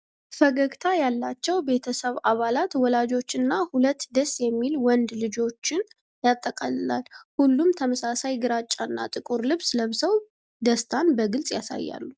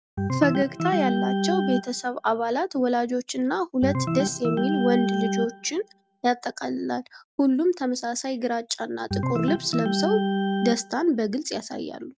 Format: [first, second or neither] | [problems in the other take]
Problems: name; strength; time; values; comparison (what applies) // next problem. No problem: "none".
first | background sound (Organ); 2 dB below the speech